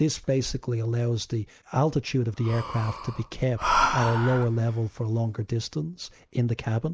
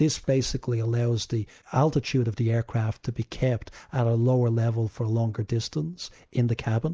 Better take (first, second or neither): second